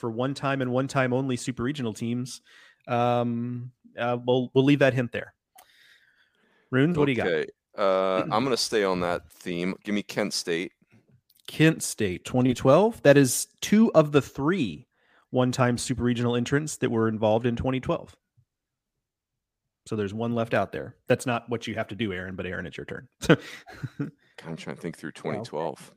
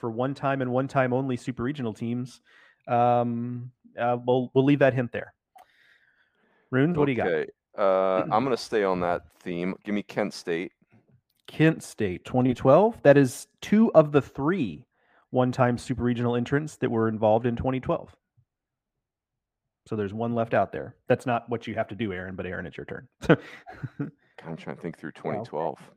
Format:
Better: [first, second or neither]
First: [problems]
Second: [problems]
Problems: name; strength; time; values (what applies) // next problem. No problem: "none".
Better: first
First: none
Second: muffled; slightly; fading above 3 kHz